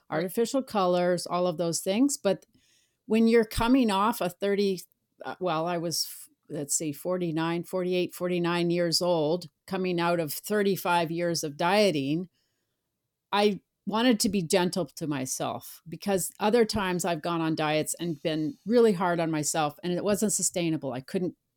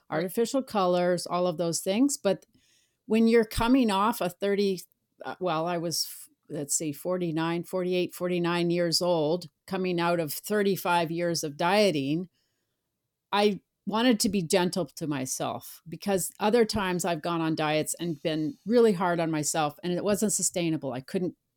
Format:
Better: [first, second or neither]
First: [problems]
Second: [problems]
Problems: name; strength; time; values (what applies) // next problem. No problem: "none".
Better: neither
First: none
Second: none